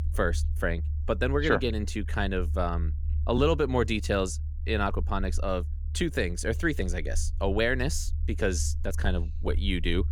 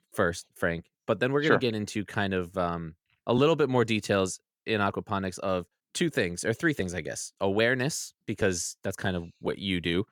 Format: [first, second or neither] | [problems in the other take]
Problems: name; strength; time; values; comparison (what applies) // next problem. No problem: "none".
second | low rumble; faint; throughout; 20 dB below the speech